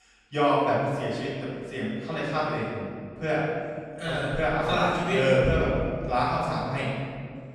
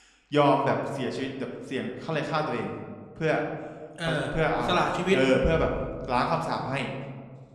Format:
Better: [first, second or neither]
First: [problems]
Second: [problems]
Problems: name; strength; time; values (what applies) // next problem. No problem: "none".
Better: second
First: room echo; strong; dies away in 2 s // off-mic speech; far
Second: room echo; slight; dies away in 1.2 s